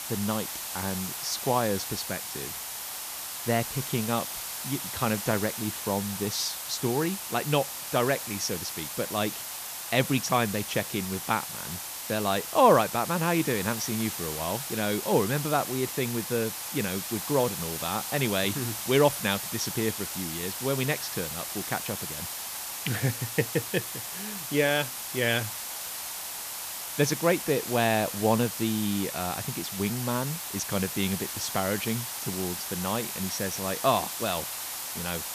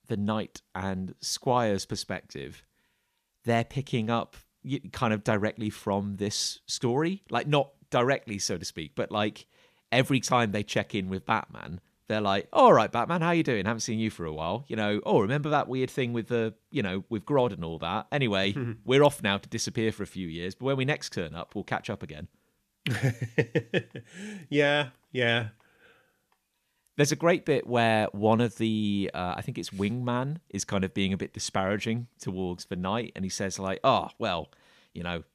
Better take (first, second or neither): second